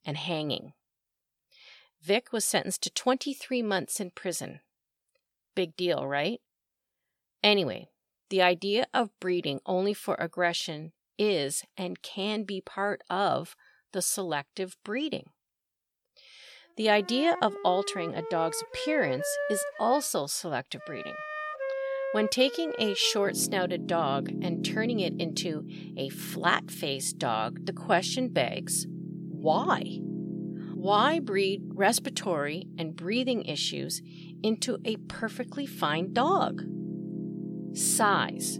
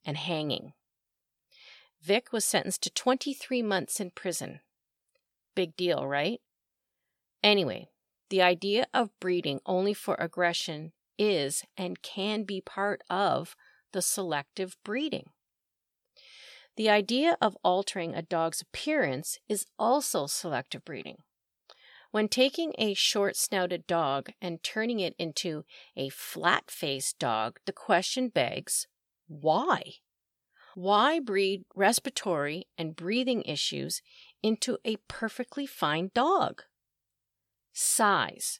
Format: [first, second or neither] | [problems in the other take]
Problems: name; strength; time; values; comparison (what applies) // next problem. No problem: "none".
second | background music; loud; from 17 s on; 9 dB below the speech